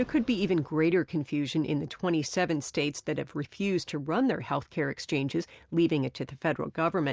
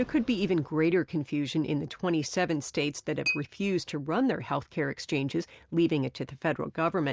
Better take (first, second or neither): first